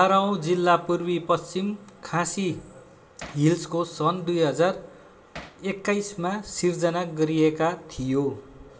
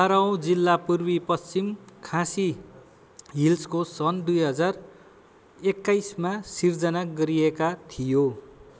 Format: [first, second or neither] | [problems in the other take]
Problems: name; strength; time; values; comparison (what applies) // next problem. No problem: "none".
second | background sound (Hammer); 17 dB below the speech // room echo; dies away in 0.4 s